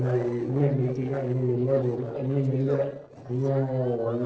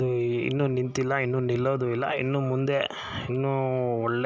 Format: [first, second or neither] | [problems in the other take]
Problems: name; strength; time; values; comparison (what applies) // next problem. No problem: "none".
second | noise reduction (neural separator model SepFormer DNS4)